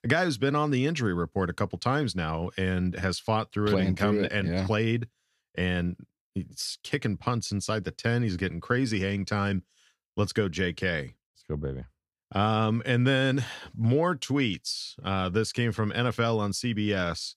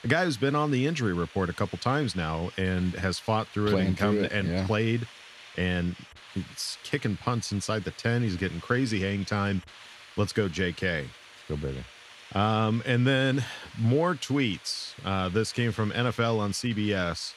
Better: first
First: none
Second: hiss; noticeable; throughout; 20 dB below the speech

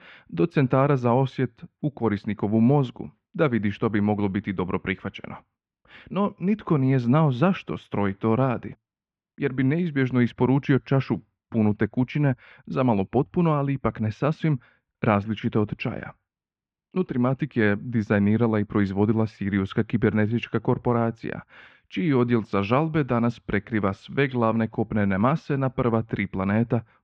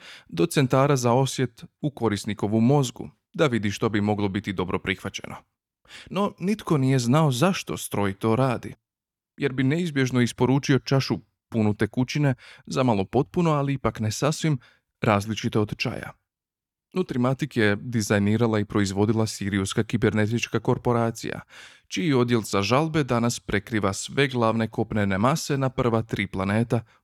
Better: second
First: muffled; very; fading above 2.5 kHz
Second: none

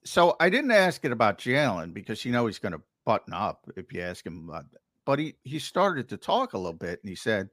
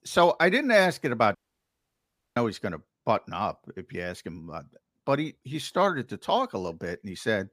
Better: first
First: none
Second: audio cutting out; at 1.5 s for 1 s

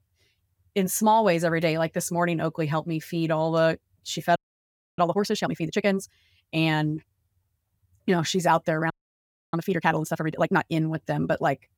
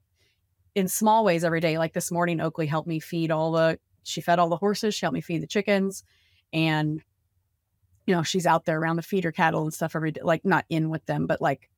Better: second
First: audio freezing; at 4.5 s for 0.5 s and at 9 s for 0.5 s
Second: none

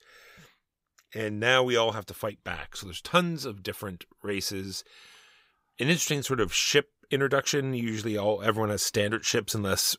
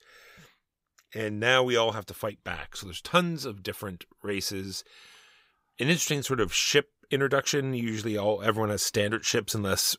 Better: neither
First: none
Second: none

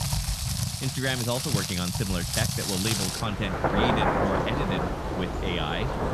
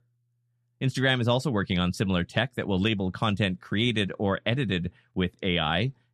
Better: second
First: rain or running water; very loud; throughout; 3 dB above the speech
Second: none

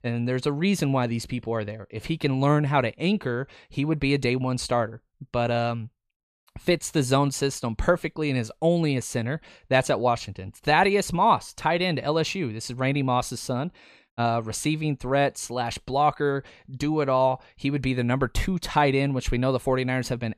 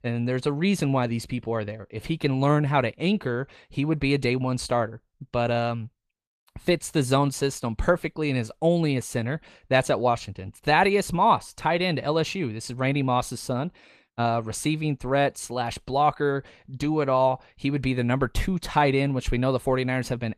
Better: first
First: none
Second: garbled, watery; slightly; nothing above 14.5 kHz

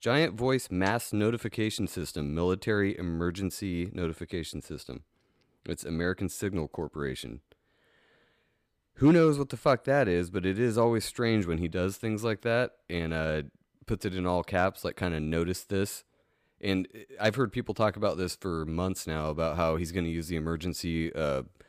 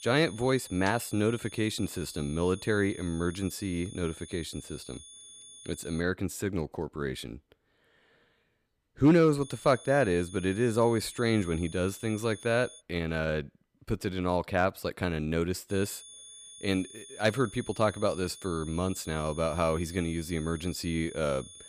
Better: first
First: none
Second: high-pitched whine; noticeable; until 6 s, from 9.5 to 13 s and from 16 s on; 3.5 kHz, 15 dB below the speech

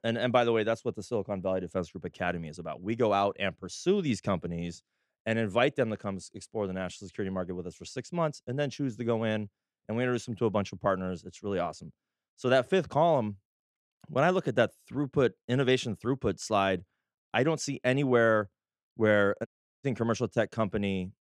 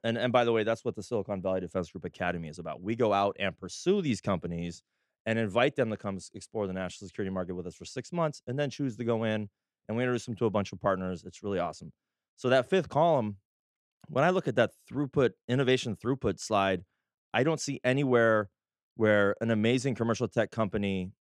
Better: second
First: audio cutting out; at 19 s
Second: none

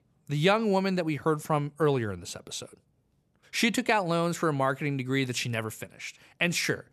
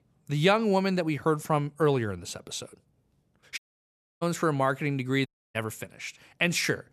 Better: first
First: none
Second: audio cutting out; at 3.5 s for 0.5 s and at 5.5 s

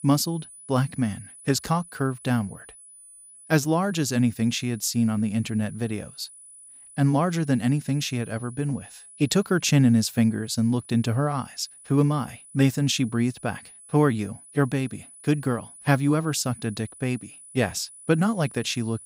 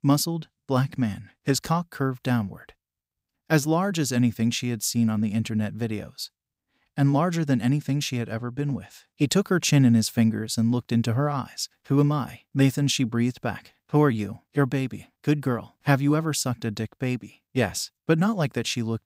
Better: second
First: high-pitched whine; noticeable; throughout; 10 kHz, 20 dB below the speech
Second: none

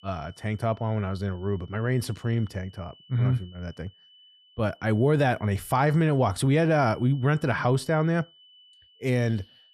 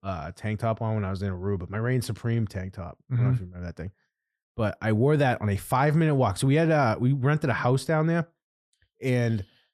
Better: second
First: high-pitched whine; faint; throughout; 3 kHz, 30 dB below the speech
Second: none

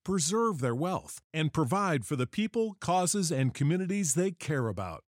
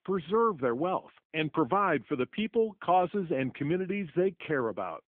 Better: first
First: none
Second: phone-call audio; nothing above 3.5 kHz

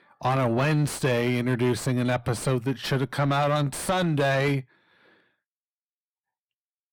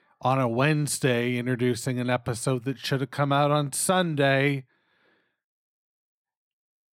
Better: second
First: distortion; heavy; 6 dB below the speech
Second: none

